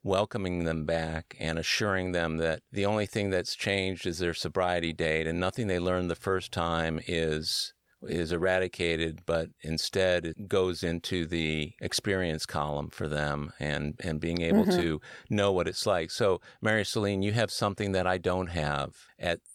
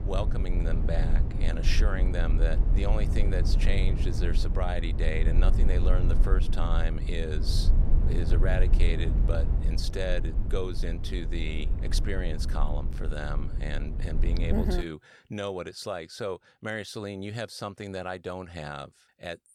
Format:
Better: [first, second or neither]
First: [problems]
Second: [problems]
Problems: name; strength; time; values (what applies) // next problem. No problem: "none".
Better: first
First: none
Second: low rumble; loud; until 15 s; 8 dB below the speech